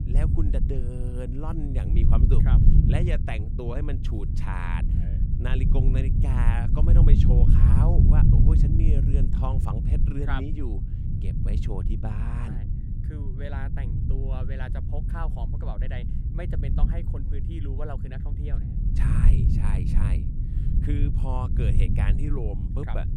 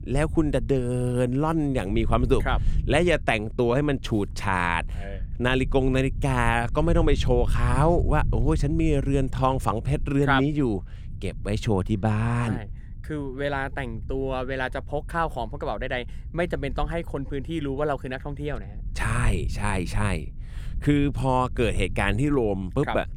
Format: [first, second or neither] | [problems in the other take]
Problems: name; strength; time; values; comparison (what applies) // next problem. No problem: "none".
second | low rumble; loud; throughout; 1 dB below the speech; faint in the second